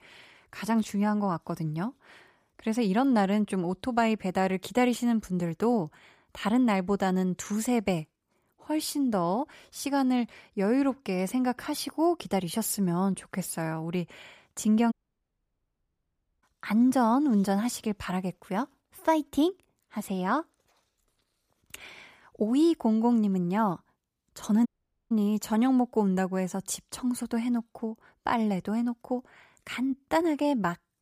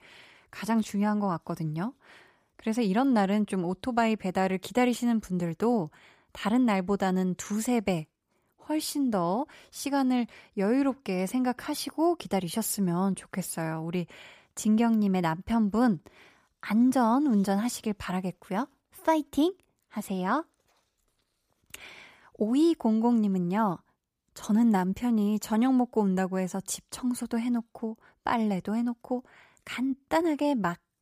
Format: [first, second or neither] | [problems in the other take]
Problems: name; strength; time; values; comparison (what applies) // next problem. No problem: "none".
second | audio cutting out; at 15 s for 1.5 s and at 25 s